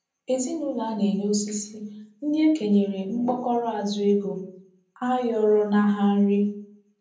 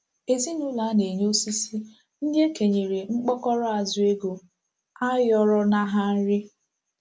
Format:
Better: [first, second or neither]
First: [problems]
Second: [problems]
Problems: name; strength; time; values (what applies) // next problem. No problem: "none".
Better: second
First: room echo; dies away in 0.6 s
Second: none